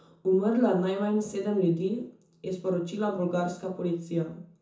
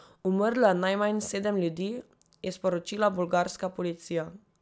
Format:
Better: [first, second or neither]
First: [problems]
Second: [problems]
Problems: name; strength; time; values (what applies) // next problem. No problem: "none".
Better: second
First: room echo; dies away in 0.6 s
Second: none